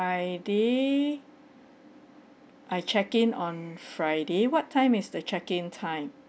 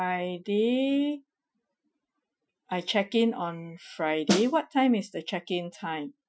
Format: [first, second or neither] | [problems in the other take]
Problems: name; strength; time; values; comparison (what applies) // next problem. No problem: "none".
first | noise reduction (classical method Wiener filter)